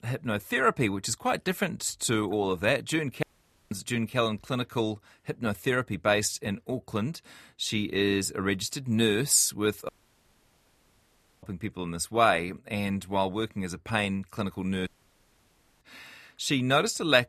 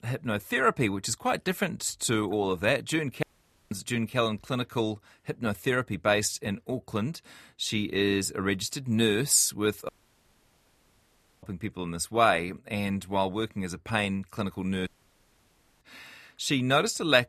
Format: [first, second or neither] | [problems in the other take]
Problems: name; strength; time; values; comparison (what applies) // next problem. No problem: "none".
neither | audio cutting out; at 3 s, at 10 s for 1.5 s and at 15 s for 1 s; the same in both